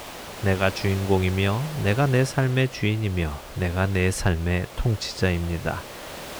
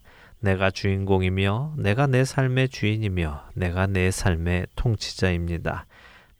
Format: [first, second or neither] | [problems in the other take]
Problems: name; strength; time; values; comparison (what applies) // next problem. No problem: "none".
second | hiss; noticeable; throughout; 15 dB below the speech